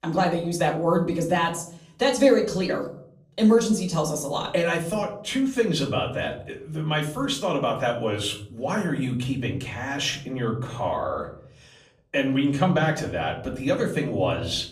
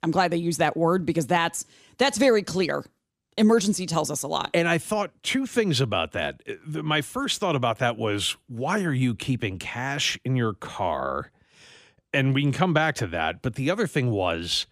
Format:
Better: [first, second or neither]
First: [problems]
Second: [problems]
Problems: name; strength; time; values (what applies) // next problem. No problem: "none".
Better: second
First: off-mic speech; far // room echo; slight; dies away in 0.6 s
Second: none